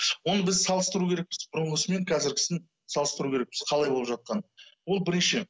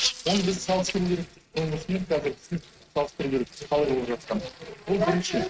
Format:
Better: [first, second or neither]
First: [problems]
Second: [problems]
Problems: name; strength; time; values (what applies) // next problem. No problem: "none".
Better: first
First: none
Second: noise reduction (neural mask model RNNoise)